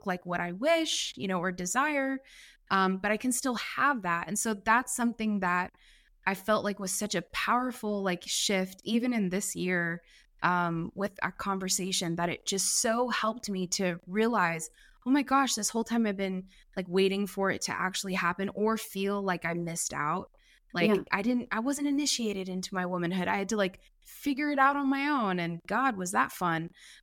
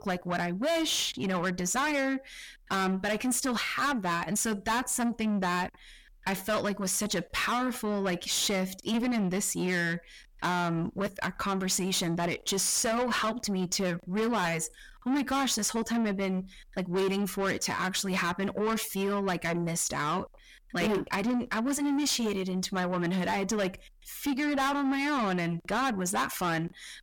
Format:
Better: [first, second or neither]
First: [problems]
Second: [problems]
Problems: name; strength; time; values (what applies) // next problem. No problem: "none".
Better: first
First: none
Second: distortion; heavy; 7 dB below the speech